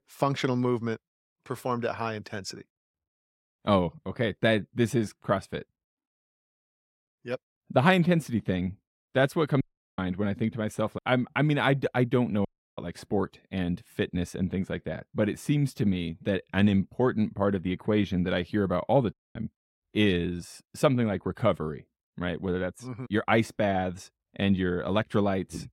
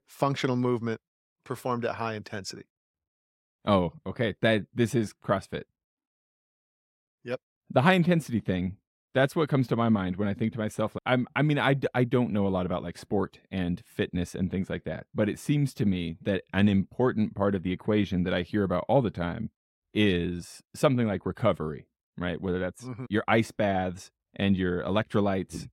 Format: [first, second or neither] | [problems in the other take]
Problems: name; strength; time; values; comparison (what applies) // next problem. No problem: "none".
second | audio cutting out; at 9.5 s, at 12 s and at 19 s